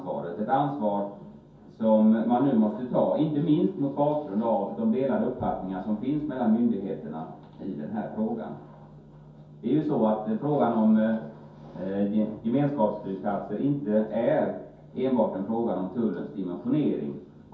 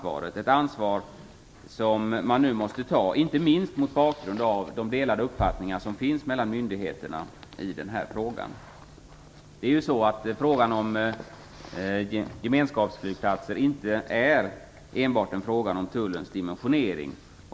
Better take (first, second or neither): second